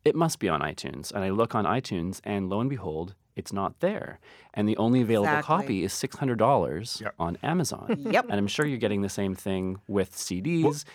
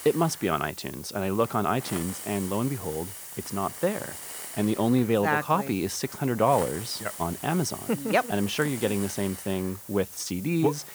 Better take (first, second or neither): first